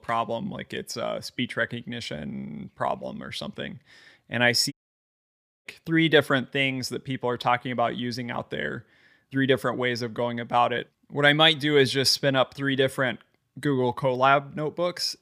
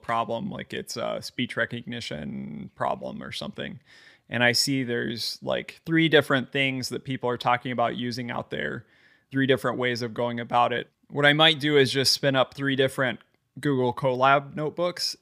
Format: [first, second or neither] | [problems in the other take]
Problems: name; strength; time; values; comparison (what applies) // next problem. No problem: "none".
second | audio cutting out; at 4.5 s for 1 s